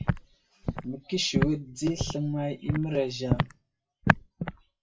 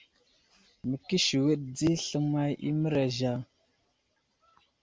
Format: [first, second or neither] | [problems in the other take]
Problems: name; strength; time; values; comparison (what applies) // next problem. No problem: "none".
second | noise reduction (classical method WPE with log-MMSE)